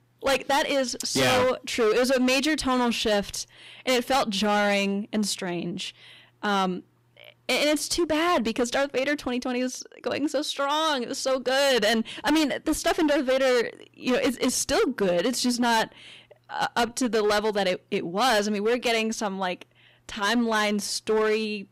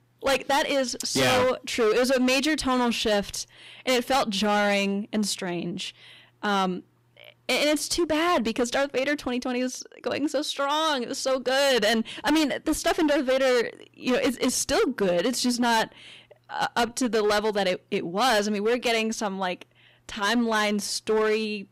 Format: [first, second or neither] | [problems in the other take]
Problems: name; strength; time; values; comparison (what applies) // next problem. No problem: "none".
neither | distortion; heavy; 14% of the sound clipped; the same in both